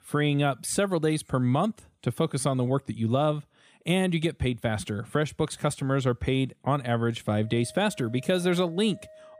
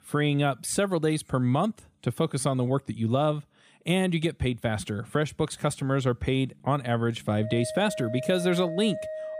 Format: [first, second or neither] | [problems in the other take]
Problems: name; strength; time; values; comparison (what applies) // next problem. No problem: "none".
first | background music; loud; throughout; 9 dB below the speech; faint in the first